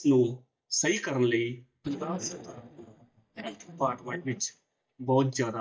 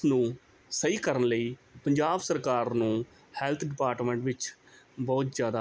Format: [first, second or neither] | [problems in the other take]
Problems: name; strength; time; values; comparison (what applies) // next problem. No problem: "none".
second | noise reduction (neural mask model DeepFilterNet 3)